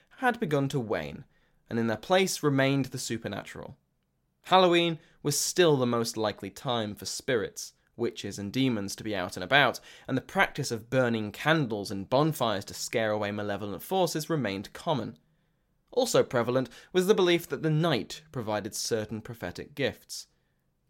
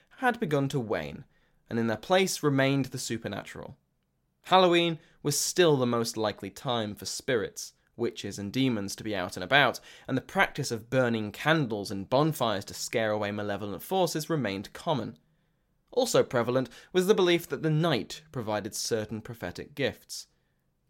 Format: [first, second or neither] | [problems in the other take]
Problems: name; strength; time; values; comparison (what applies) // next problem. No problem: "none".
neither | none